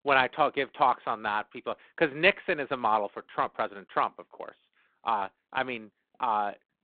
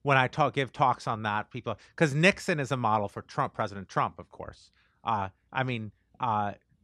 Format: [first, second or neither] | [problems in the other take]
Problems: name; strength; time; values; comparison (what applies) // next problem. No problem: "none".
second | phone-call audio; nothing above 4 kHz